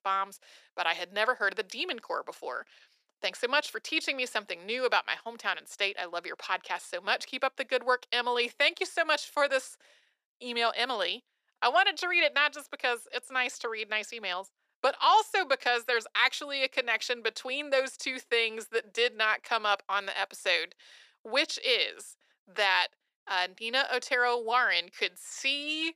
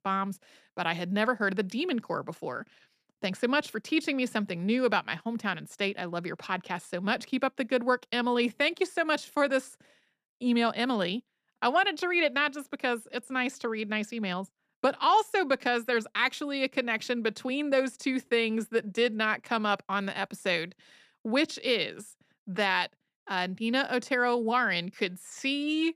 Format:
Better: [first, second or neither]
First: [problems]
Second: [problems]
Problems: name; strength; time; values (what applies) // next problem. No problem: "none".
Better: second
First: thin; very; fading below 500 Hz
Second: none